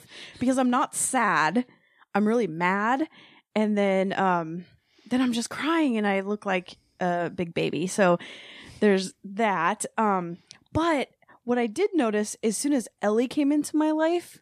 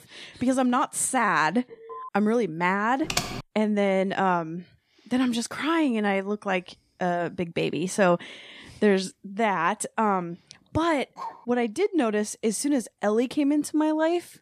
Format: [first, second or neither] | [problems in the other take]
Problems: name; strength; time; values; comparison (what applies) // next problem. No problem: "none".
first | alarm; faint; at 1.5 s; peak 15 dB below the speech // keyboard typing; noticeable; at 3 s; peak 3 dB below the speech // dog barking; faint; at 11 s; peak 15 dB below the speech